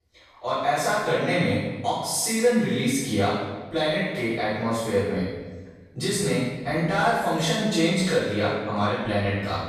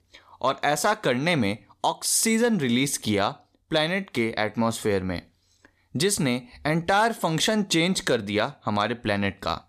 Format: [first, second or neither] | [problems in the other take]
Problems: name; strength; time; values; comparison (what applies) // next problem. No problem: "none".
second | off-mic speech; far // room echo; strong; dies away in 1.2 s